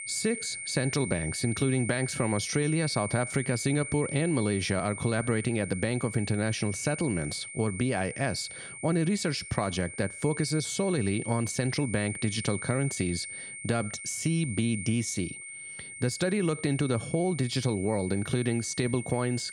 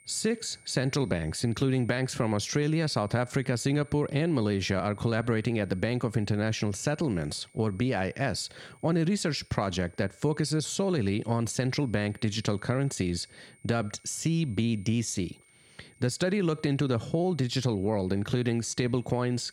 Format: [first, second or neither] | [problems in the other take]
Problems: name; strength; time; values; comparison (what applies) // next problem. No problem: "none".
second | high-pitched whine; loud; throughout; 2 kHz, 8 dB below the speech; faint in the second